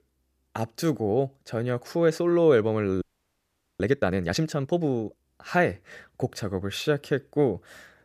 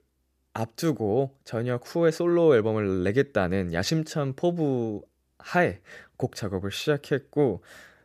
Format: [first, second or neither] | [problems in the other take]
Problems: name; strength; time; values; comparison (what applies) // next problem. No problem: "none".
second | audio freezing; at 3 s for 1 s